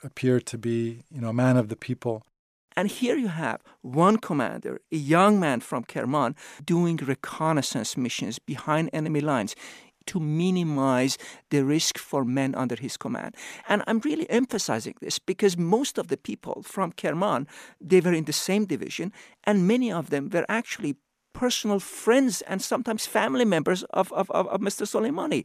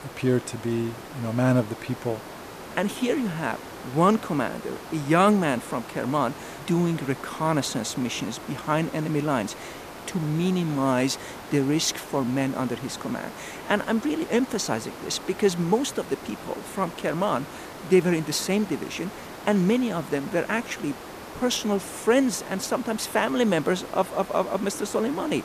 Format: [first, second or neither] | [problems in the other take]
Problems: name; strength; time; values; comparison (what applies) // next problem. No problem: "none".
first | hiss; noticeable; throughout; 15 dB below the speech